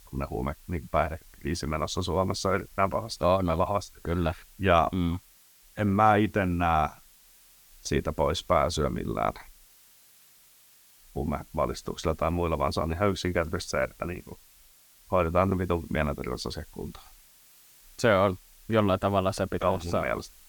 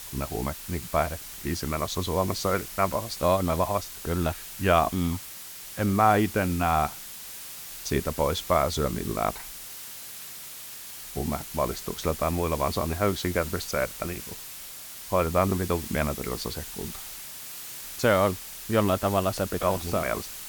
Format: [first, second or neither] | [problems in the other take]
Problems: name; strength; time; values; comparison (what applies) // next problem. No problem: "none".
first | hiss; loud; throughout; 10 dB below the speech; faint in the first